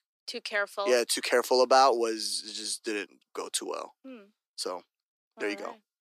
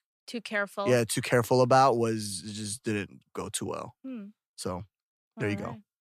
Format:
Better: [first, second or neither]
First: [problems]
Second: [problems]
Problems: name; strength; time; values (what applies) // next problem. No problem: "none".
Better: second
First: thin; somewhat; fading below 300 Hz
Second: none